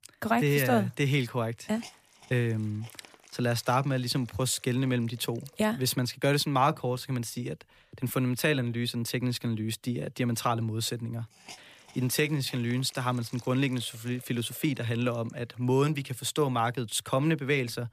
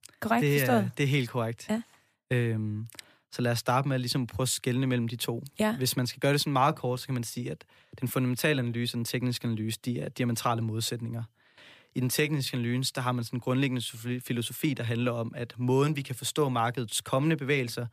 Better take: second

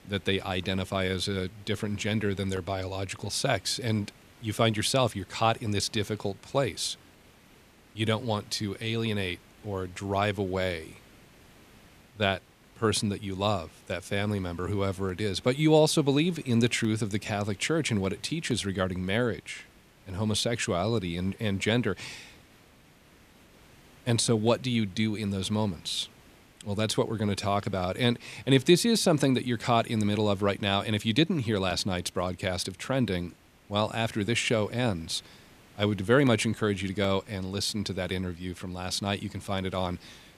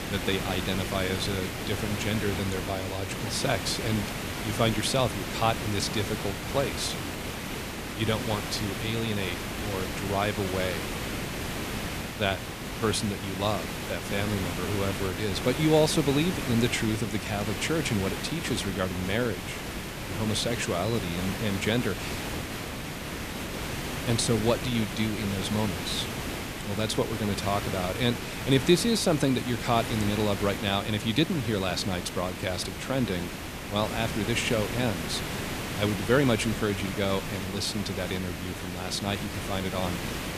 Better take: first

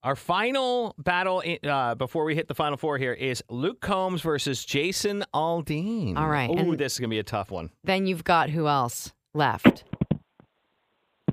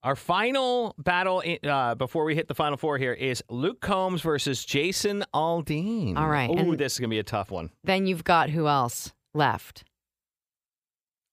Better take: second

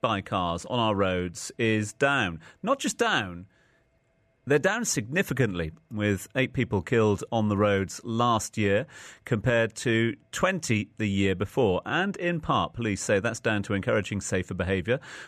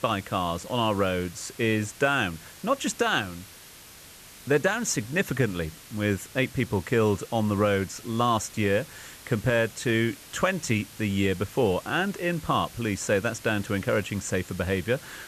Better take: first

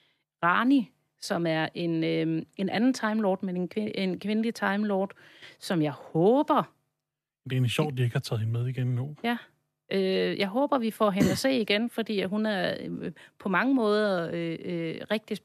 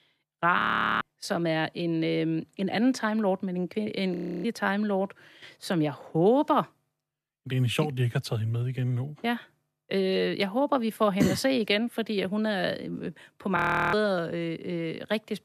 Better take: first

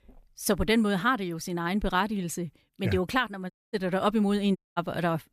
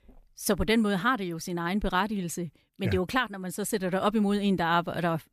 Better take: second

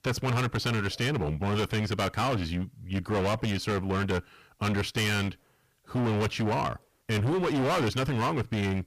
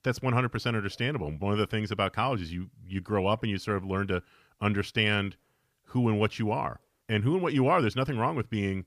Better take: second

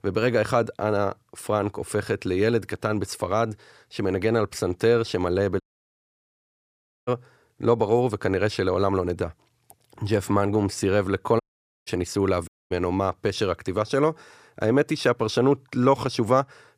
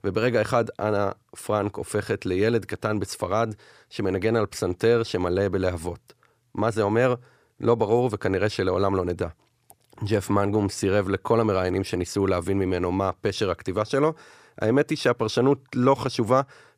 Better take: second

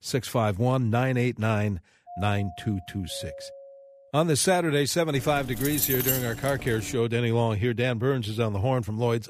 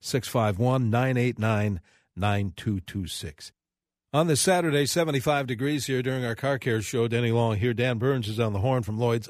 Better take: second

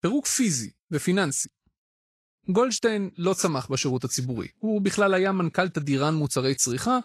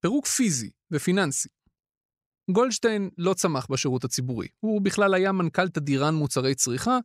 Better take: second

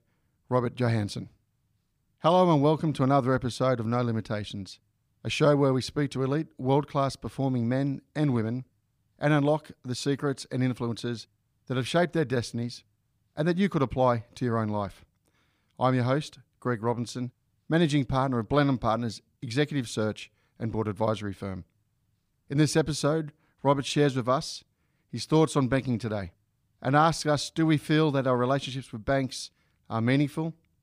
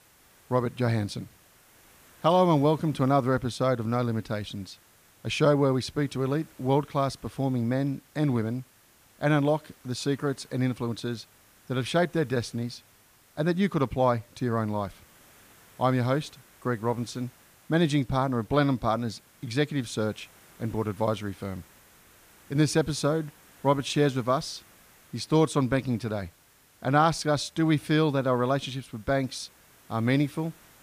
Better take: first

